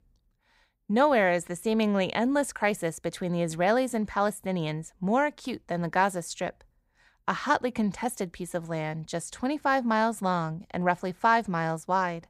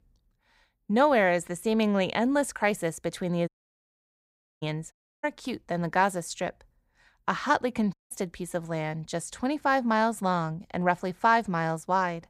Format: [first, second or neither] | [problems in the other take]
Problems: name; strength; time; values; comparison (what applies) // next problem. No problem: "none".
first | audio cutting out; at 3.5 s for 1 s, at 5 s and at 8 s